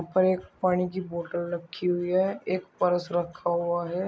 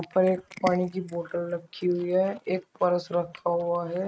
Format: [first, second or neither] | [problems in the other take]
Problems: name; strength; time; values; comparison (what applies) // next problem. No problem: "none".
first | noise reduction (neural mask model RNNoise)